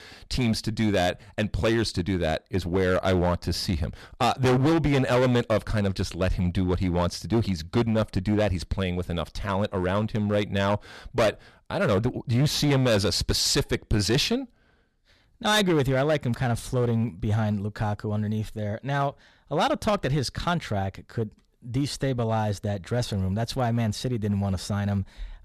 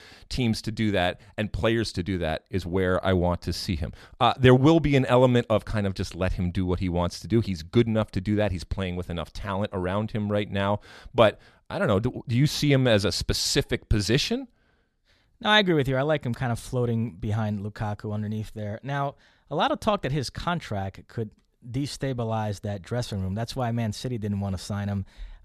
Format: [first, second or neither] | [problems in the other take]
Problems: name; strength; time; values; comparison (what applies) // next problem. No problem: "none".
second | distortion; heavy; 8% of the sound clipped